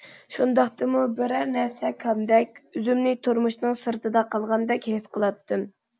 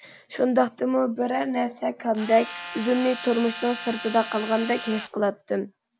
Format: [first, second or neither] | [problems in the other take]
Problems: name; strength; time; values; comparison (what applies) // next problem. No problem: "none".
first | background sound (Tools); 11 dB below the speech